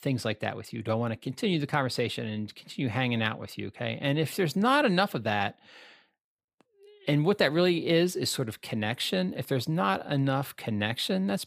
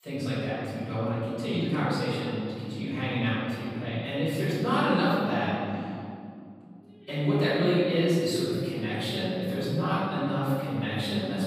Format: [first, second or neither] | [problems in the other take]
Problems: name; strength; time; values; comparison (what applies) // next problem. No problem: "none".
first | room echo; strong; dies away in 2.7 s // off-mic speech; far